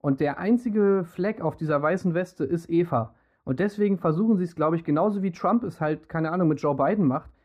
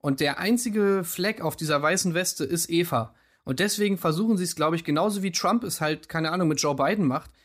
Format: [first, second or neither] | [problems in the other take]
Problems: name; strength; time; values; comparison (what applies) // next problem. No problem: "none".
second | muffled; very; fading above 2.5 kHz